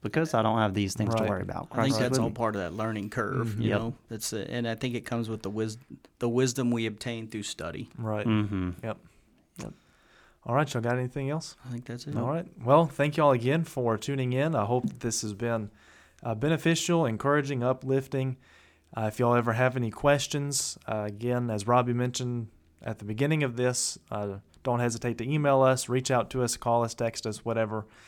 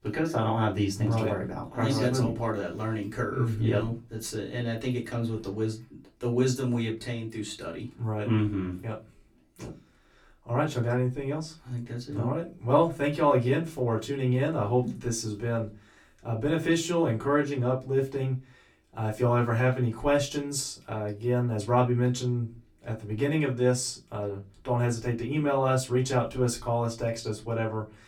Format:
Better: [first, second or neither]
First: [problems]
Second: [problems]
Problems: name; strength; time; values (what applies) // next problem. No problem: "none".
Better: first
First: none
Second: off-mic speech; far // room echo; very slight; dies away in 0.2 s